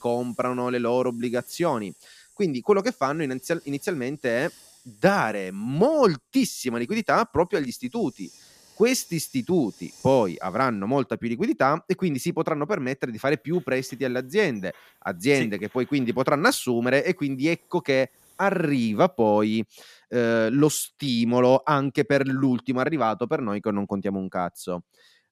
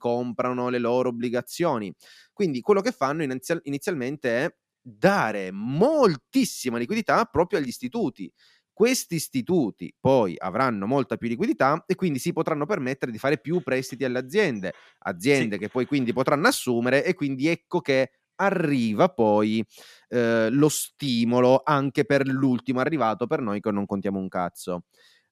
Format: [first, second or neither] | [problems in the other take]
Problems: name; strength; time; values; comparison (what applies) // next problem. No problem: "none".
second | hiss; faint; until 20 s; 30 dB below the speech